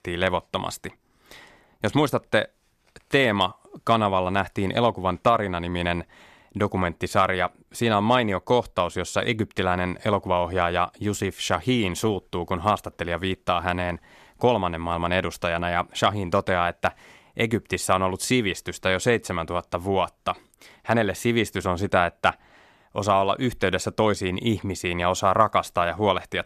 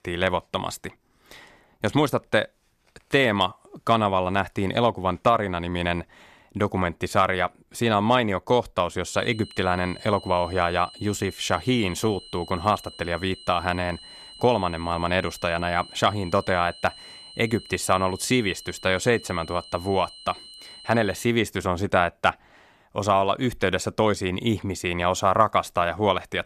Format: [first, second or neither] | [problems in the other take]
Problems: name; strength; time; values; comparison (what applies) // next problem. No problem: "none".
first | high-pitched whine; noticeable; from 9 to 21 s; 4 kHz, 20 dB below the speech